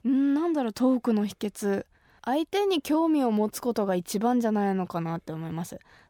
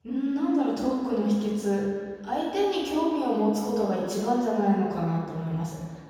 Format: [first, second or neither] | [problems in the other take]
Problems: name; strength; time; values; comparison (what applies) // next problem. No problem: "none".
first | room echo; strong; dies away in 1.7 s // off-mic speech; far